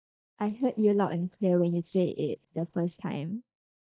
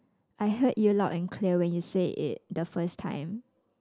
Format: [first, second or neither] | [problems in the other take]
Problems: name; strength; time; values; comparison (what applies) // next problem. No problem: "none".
second | noise reduction (neural mask model DeepFilterNet 3)